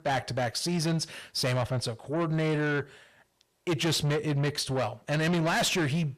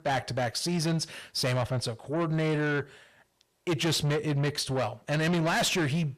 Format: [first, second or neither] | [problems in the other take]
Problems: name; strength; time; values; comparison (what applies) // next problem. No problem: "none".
neither | distortion; heavy; 7 dB below the speech; the same in both